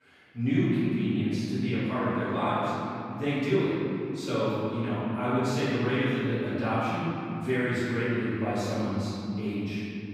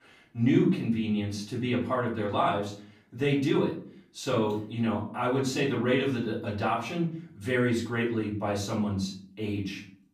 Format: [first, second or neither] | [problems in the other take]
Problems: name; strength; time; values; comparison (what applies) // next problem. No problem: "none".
second | room echo; strong; dies away in 3 s; slight in the second // off-mic speech; far; far in the second